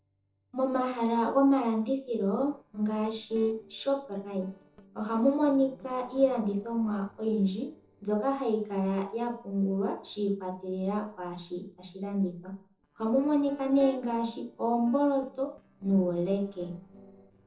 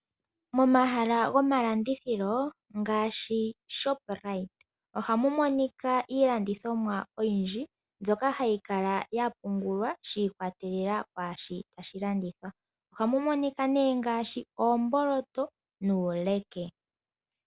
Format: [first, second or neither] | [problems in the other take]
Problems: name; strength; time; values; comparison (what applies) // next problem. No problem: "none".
second | noise reduction (neural separator model SepFormer DNS4)